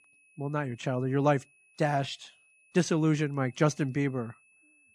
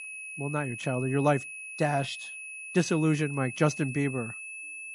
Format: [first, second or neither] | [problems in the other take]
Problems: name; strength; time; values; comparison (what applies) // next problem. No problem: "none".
first | high-pitched whine; loud; throughout; 2.5 kHz, 9 dB below the speech; faint in the first